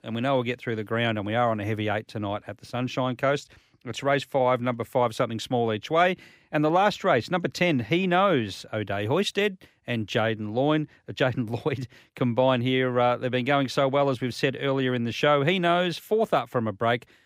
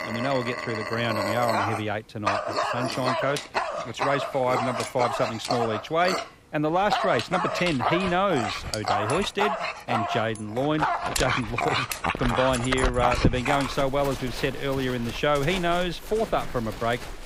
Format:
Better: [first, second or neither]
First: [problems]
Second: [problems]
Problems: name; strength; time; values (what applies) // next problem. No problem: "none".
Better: first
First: none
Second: animal sounds; loud; throughout; 2 dB below the speech